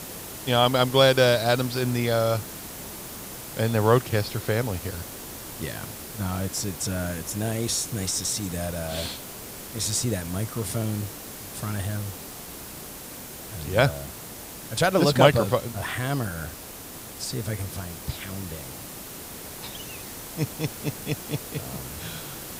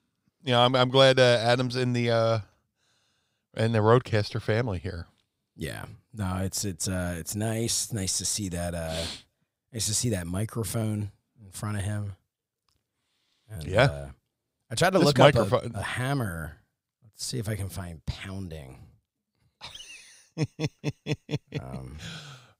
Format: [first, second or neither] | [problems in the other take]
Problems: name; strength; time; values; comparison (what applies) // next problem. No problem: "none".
second | hiss; noticeable; throughout; 10 dB below the speech